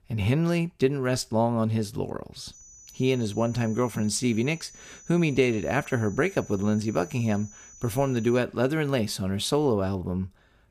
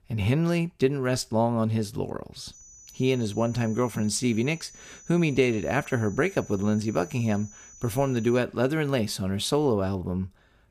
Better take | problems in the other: neither | high-pitched whine; faint; from 2.5 to 8.5 s; 6 kHz, 20 dB below the speech; the same in both

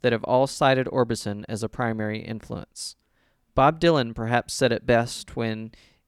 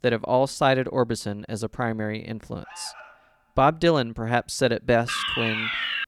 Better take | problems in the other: first | alarm; faint; at 2.5 s; peak 20 dB below the speech // alarm; noticeable; at 5 s; peak 1 dB below the speech

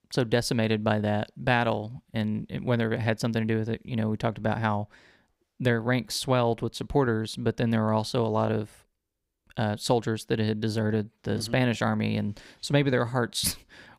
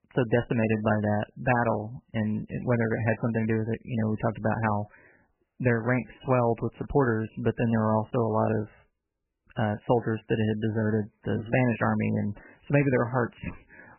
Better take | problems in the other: first | garbled, watery; badly; nothing above 3 kHz

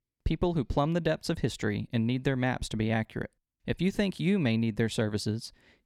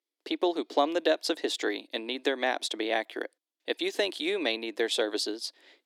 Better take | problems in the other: first | thin; very; fading below 300 Hz

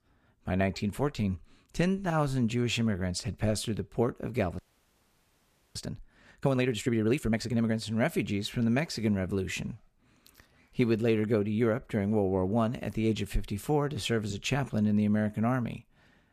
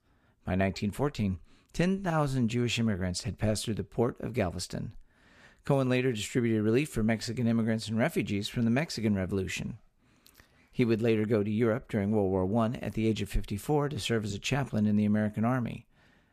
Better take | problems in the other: second | audio freezing; at 4.5 s for 1 s

